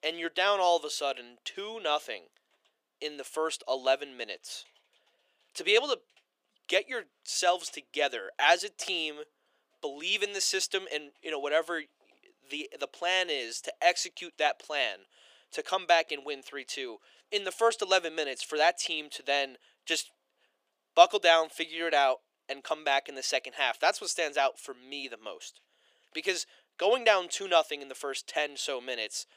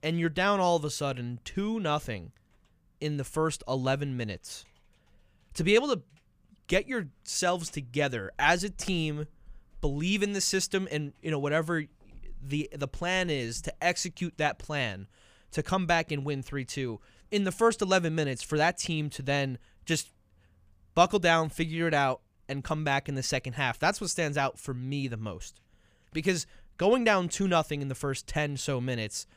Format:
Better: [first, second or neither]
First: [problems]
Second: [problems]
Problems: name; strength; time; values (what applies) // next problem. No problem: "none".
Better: second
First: thin; very; fading below 350 Hz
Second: none